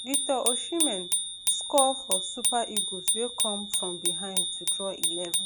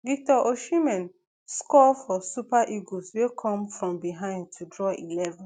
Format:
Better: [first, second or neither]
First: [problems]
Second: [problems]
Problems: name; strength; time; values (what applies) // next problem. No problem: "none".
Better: second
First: background sound (Bicycle bell); 3 dB above the speech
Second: none